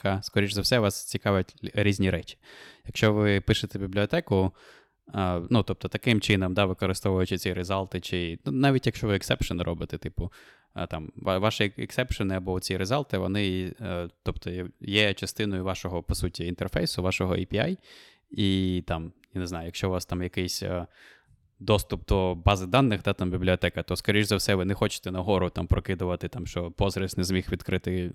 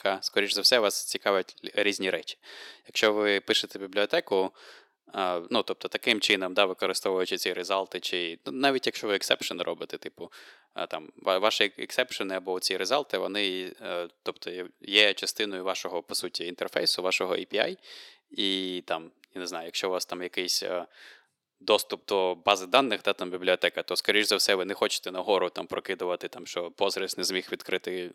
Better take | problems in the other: first | thin; somewhat; fading below 350 Hz

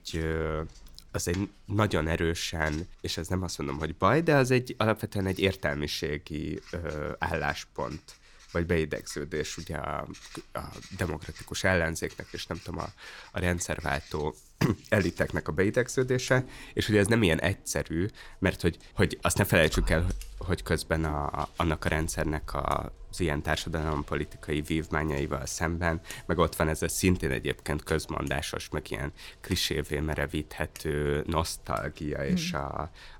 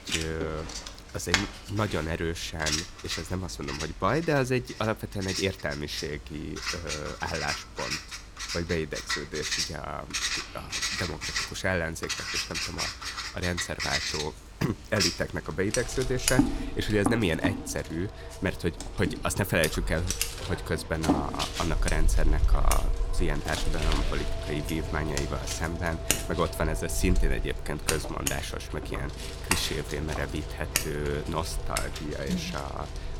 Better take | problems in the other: first | household noises; loud; throughout; as loud as the speech; faint in the first

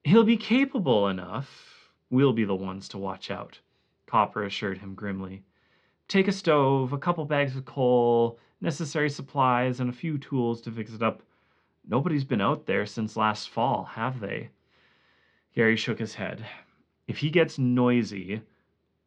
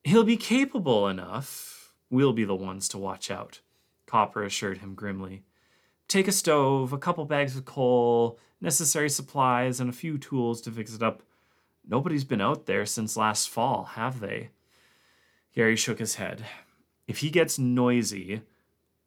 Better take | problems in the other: second | muffled; slightly; fading above 4 kHz

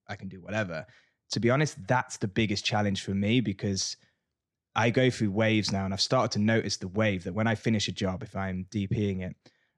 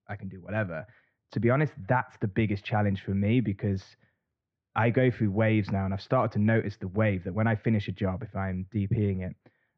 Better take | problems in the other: first | muffled; very; fading above 2 kHz

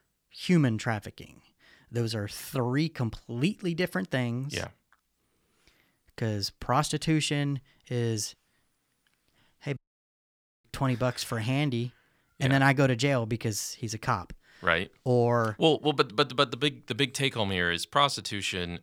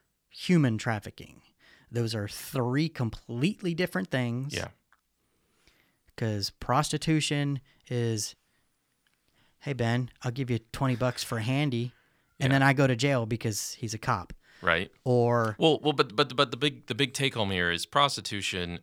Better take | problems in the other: second | audio cutting out; at 10 s for 1 s

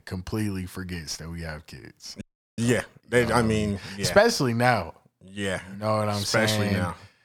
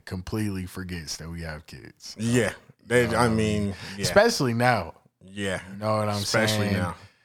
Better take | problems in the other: second | audio freezing; at 2 s

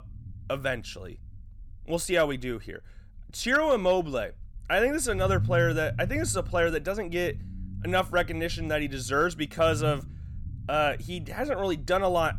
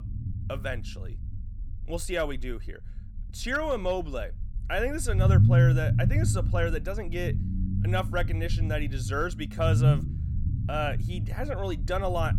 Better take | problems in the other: first | low rumble; loud; throughout; 8 dB below the speech; faint in the first

